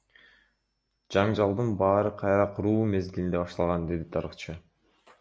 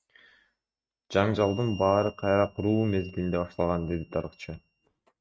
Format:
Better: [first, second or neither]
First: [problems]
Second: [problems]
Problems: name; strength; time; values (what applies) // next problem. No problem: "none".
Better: first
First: none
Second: noise reduction (neural mask model RNNoise)